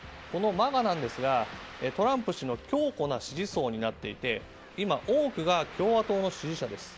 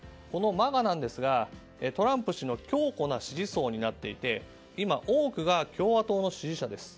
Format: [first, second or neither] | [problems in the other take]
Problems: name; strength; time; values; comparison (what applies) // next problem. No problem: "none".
second | background sound (Ocean); 17 dB below the speech